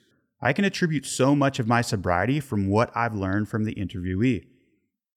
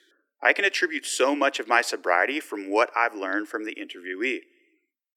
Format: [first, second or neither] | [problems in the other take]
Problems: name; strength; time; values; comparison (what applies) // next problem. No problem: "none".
first | thin; very; fading below 300 Hz